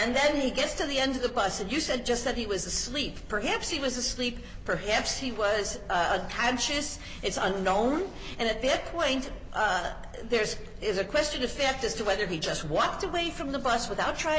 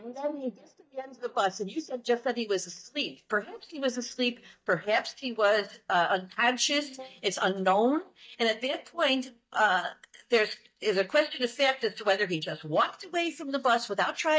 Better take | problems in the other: first | noise reduction (neural mask model DeepFilterNet 3)

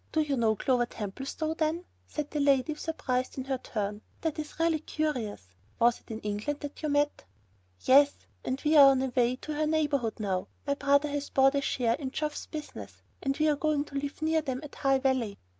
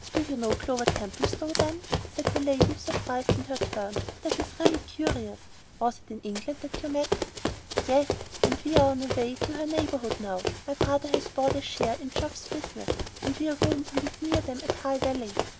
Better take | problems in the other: first | background sound (Run); as loud as the speech

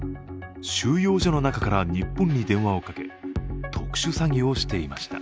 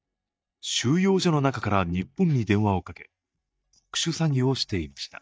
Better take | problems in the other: first | noise reduction (neural mask model DeepFilterNet 3)

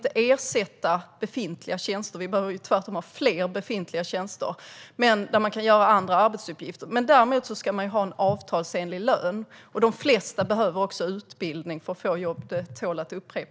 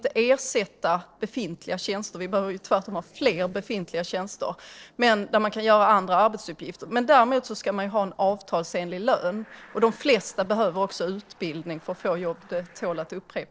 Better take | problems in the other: first | noise reduction (neural separator model SepFormer DNS4)

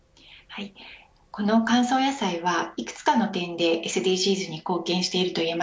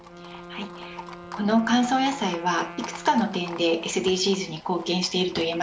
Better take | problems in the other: first | background sound (Wind instrument, woodwind instrument + Livestock, farm animals, working animals); 14 dB below the speech

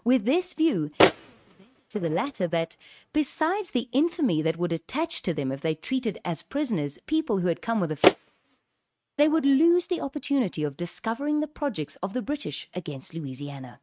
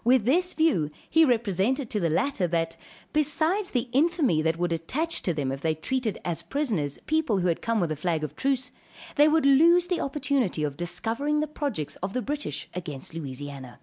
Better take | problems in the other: second | noise reduction (neural mask model RNNoise)

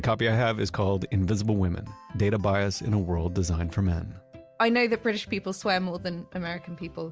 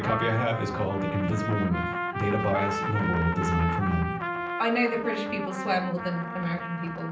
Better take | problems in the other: first | background sound (Trumpet); 5 dB below the speech // room echo; dies away in 0.6 s

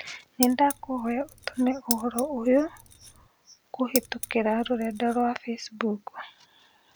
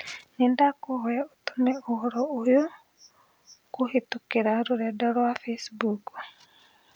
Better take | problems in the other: second | background sound (Keys jangling); 9 dB below the speech

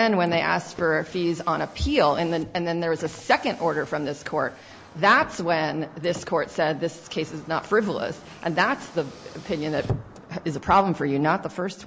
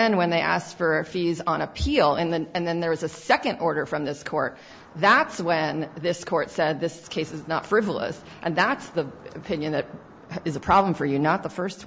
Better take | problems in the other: second | background sound (Car); 18 dB below the speech

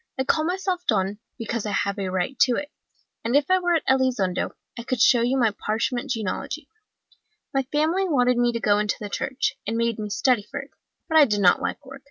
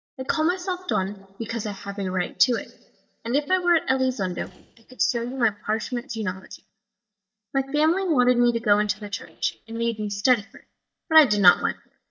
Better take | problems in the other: first | noise reduction (neural mask model DeepFilterNet 3)

